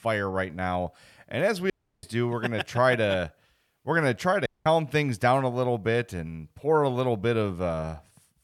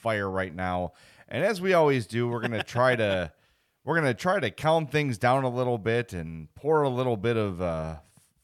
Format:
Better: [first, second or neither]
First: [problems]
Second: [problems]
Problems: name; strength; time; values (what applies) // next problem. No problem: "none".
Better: second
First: audio cutting out; at 1.5 s and at 4.5 s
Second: none